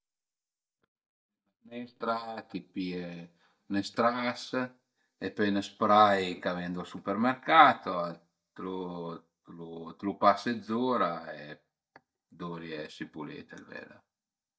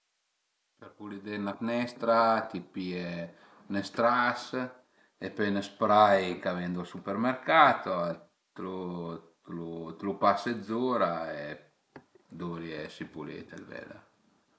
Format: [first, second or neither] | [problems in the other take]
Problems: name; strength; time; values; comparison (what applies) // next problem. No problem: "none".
second | noise reduction (neural mask model DeepFilterNet 3)